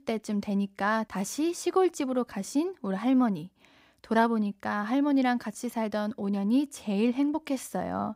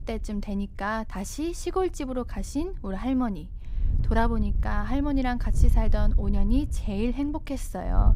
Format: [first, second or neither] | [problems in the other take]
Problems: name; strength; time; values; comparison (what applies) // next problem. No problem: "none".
first | wind noise on the microphone; occasional gusts; 15 dB below the speech